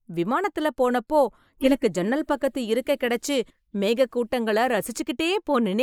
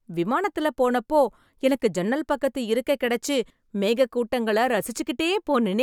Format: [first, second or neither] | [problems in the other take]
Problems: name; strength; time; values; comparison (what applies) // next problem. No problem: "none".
second | noise reduction (neural mask model Resemble Enhance denoiser)